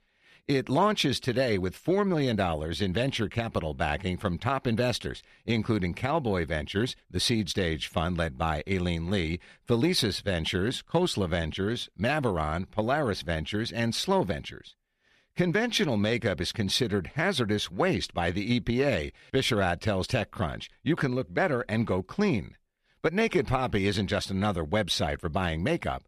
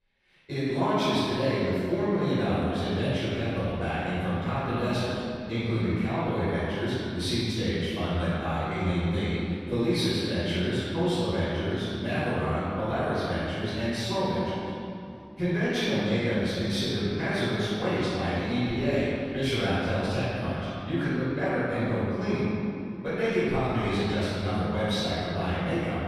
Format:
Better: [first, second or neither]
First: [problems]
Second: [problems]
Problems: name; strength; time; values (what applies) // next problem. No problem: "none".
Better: first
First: none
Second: off-mic speech; far // room echo; strong; dies away in 2.4 s